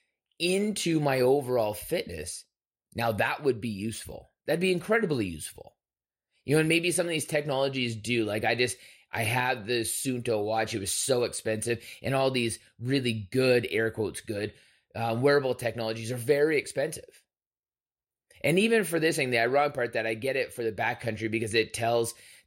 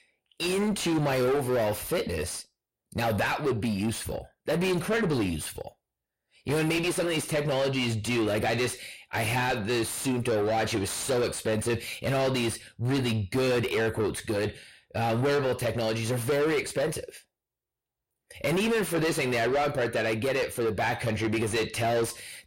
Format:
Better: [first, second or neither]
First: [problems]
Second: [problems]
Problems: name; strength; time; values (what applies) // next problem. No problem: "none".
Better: first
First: none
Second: distortion; heavy; 6 dB below the speech